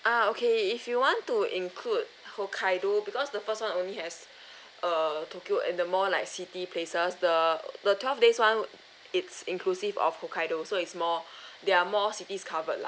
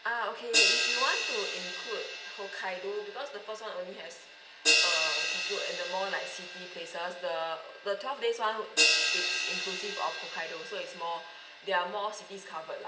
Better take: first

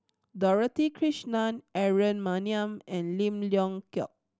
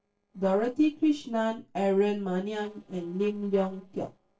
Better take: first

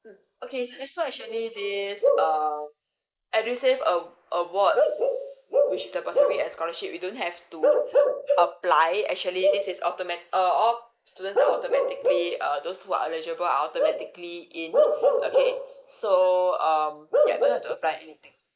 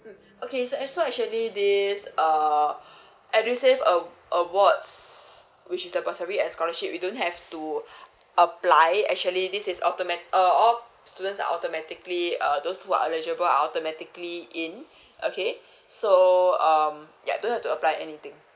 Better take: second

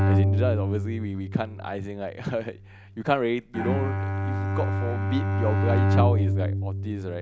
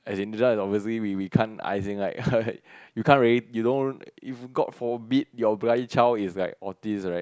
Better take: second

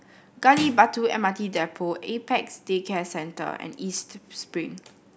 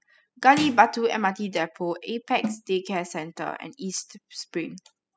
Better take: first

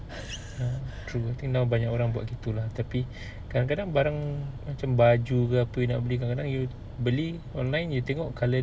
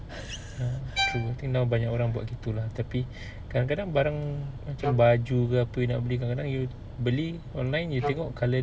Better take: first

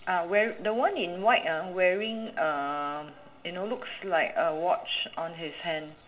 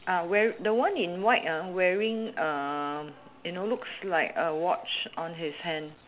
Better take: second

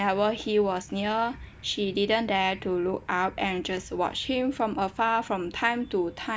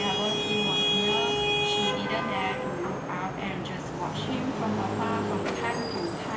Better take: first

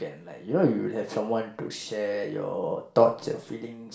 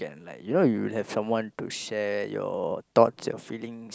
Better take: second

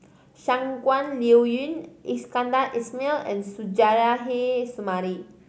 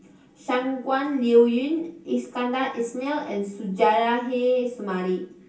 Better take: first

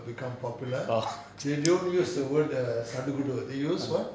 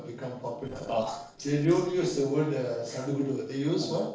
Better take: first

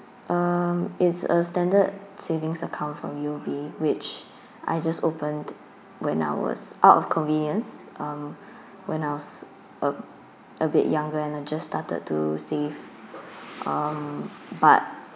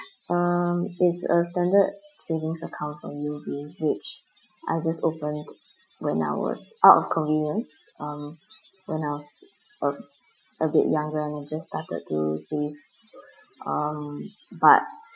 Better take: first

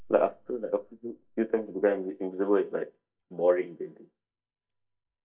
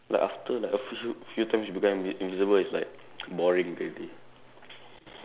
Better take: second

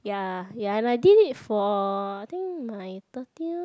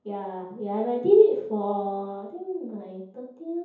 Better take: first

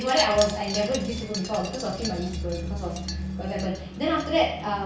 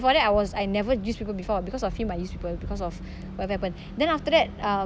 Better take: second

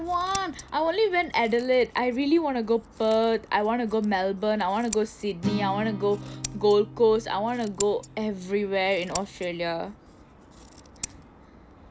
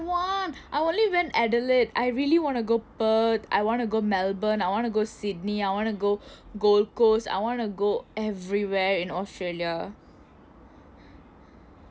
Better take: second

